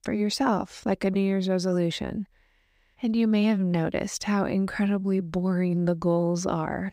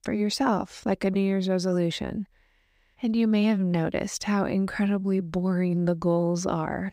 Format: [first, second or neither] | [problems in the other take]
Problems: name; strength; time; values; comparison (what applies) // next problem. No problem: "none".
neither | none